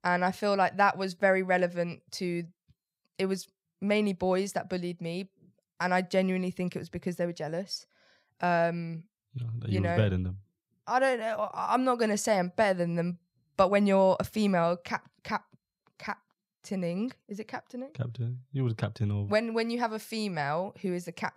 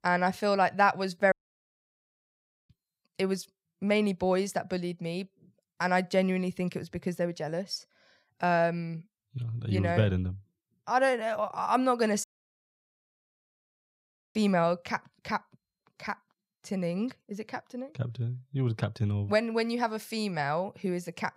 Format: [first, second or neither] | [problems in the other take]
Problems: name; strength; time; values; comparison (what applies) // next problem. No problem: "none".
first | audio cutting out; at 1.5 s for 1.5 s and at 12 s for 2 s